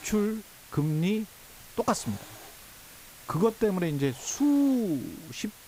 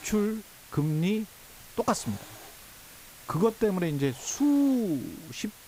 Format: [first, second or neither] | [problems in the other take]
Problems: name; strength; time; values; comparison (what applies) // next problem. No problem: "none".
neither | hiss; noticeable; throughout; 20 dB below the speech; the same in both